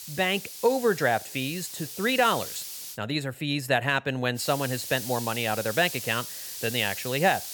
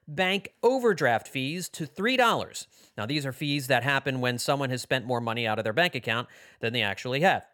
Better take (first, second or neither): second